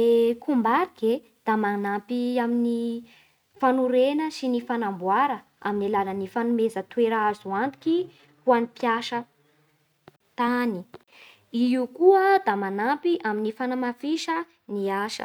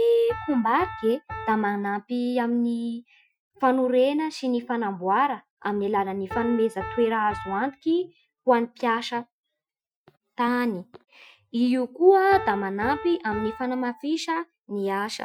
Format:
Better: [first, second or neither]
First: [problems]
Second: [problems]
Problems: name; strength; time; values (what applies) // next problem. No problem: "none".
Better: first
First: none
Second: noise reduction (classical method Wiener filter)